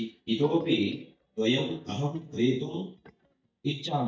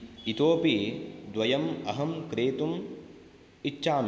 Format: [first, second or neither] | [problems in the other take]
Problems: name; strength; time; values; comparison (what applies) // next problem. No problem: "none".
second | noise reduction (neural mask model DeepFilterNet 3)